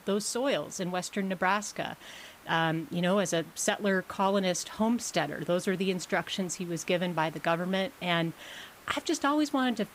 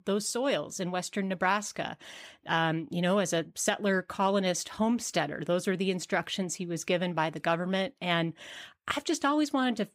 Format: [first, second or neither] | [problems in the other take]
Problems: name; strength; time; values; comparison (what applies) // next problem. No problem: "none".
second | hiss; faint; throughout; 25 dB below the speech